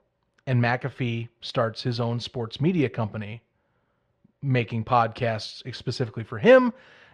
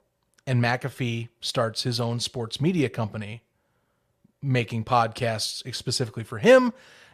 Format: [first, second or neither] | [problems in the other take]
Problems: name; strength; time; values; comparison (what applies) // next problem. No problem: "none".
second | muffled; slightly; fading above 3 kHz